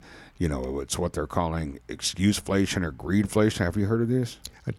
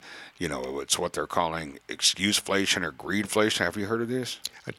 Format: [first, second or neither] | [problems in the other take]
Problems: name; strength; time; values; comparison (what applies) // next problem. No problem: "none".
first | thin; somewhat; fading below 700 Hz